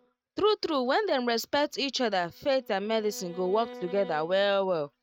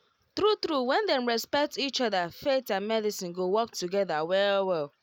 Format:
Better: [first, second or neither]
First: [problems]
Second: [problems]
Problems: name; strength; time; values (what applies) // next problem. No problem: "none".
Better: second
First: noise reduction (neural mask model RNNoise)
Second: none